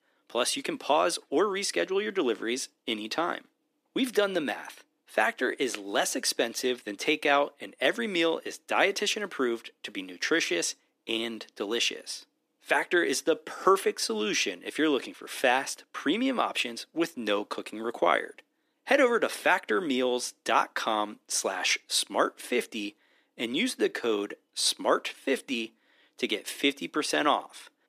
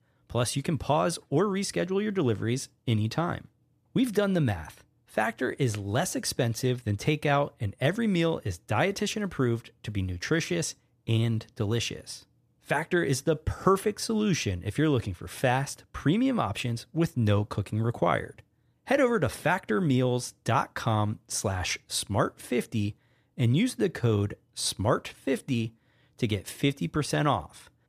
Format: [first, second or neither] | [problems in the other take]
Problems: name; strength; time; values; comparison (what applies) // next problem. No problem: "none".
second | thin; somewhat; fading below 250 Hz